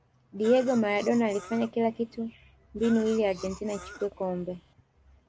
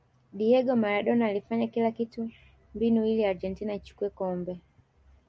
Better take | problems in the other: second | background sound (Cough); 18 dB below the speech

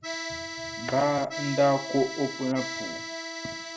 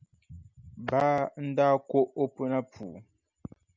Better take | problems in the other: second | background sound (Accordion); 7 dB below the speech // room echo; dies away in 0.4 s

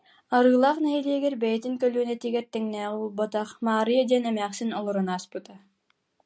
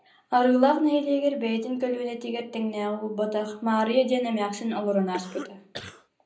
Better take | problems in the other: first | background sound (Cough); 14 dB below the speech // room echo; dies away in 0.5 s

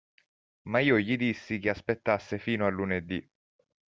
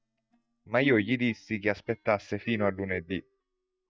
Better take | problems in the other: first | noise reduction (neural mask model DeepFilterNet 3)

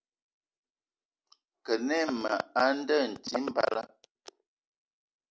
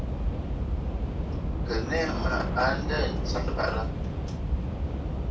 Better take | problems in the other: first | background sound (Subway, metro, underground / Train); 4 dB above the speech // room echo; dies away in 0.2 s

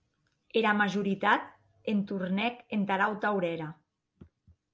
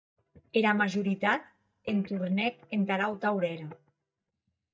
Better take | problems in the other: first | noise reduction (neural mask model DeepFilterNet 3)

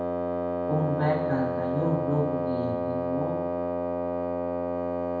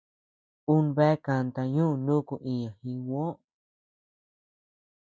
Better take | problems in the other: second | background sound (Wind instrument, woodwind instrument); 3 dB above the speech // room echo; dies away in 0.9 s

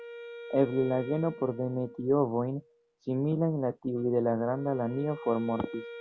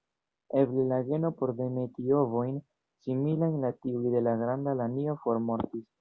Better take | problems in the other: second | background sound (Wind instrument, woodwind instrument); 16 dB below the speech

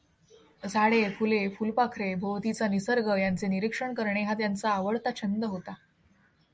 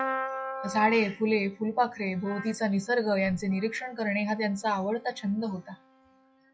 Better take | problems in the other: first | noise reduction (classical method log-MMSE)

